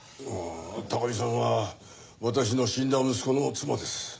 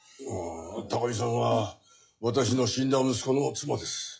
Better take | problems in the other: first | noise reduction (classical method log-MMSE)

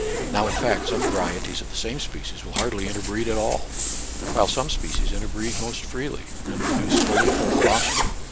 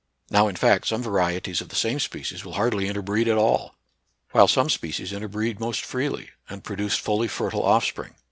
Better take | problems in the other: second | background sound (Zipper (clothing)); 3 dB above the speech

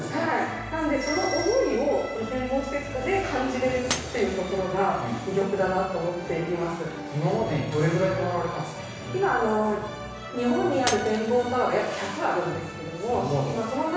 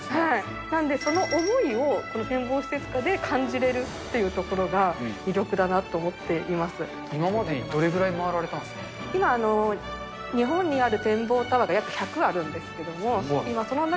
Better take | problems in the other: second | background sound (Shatter); 18 dB below the speech // room echo; dies away in 1.1 s

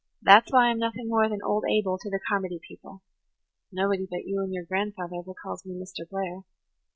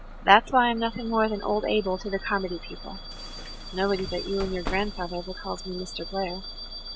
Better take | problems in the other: first | background sound (Bus / Alarm); 10 dB below the speech

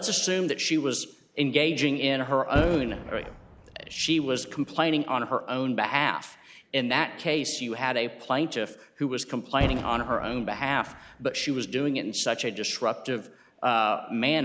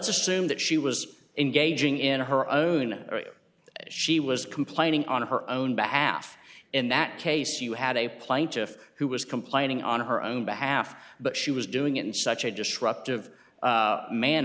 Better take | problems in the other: second | background sound (Boom); 10 dB below the speech

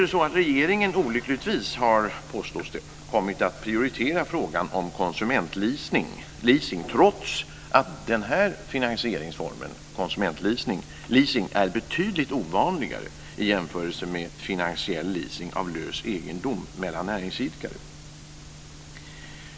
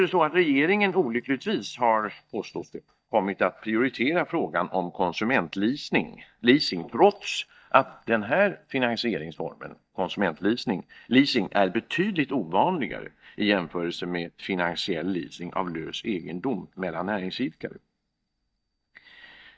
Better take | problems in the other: first | noise reduction (neural mask model DeepFilterNet 3)

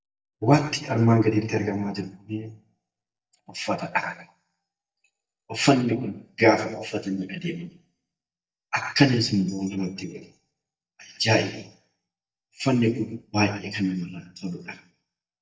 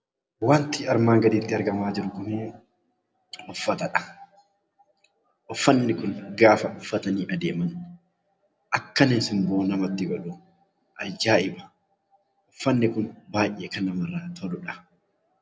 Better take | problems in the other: second | noise reduction (neural mask model DeepFilterNet 3)

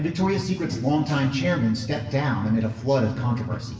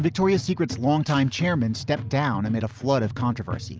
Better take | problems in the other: second | room echo; dies away in 1 s

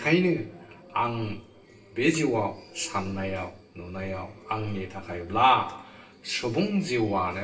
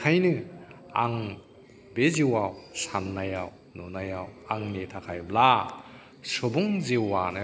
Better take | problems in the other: second | room echo; dies away in 0.2 s

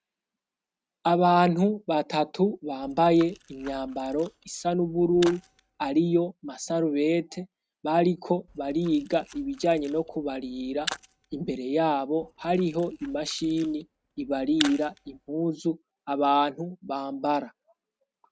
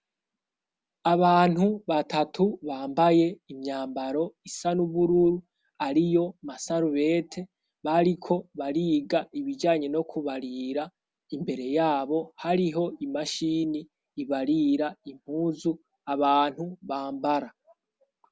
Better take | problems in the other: second | noise reduction (neural mask model RNNoise)

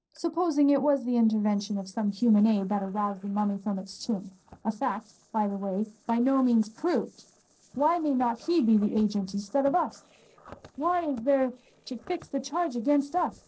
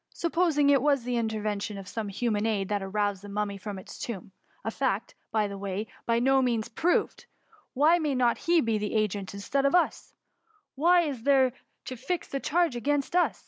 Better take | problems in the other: second | noise reduction (neural separator model SepFormer DNS4)

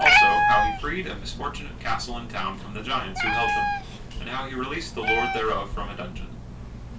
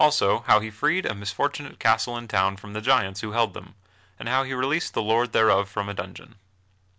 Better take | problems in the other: second | background sound (Meow); 5 dB above the speech // room echo; dies away in 0.2 s

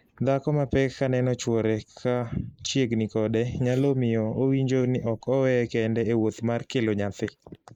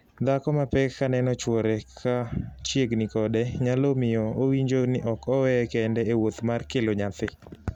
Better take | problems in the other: second | noise reduction (neural mask model Resemble Enhance denoiser)

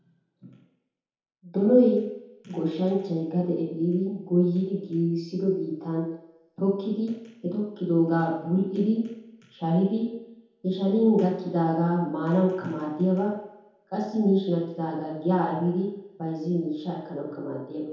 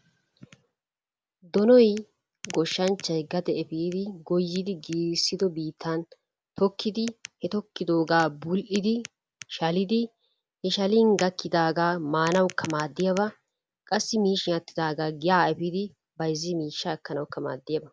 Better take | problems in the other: second | room echo; dies away in 0.8 s

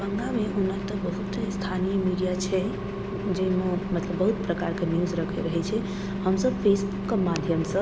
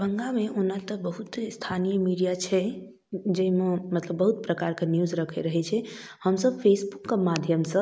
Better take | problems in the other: second | background sound (Engine); 3 dB below the speech

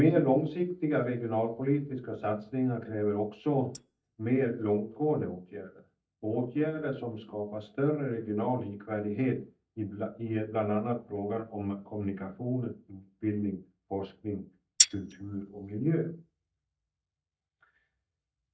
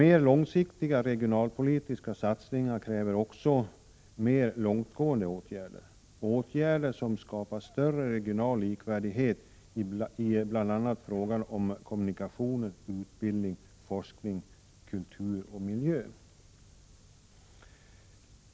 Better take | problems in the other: second | noise reduction (neural mask model DeepFilterNet 3)

